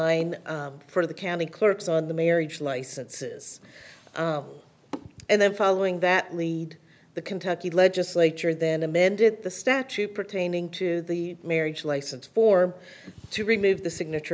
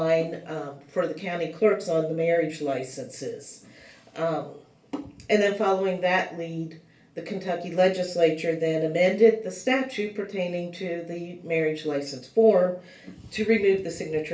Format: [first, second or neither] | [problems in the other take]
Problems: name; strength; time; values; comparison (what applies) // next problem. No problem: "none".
first | room echo; dies away in 0.3 s